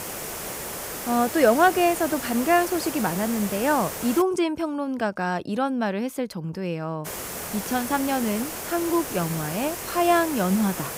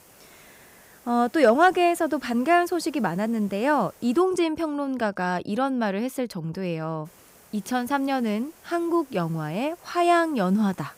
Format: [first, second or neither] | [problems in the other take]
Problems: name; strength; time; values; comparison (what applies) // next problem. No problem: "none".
second | hiss; loud; until 4 s and from 7 s on; 7 dB below the speech; faint in the second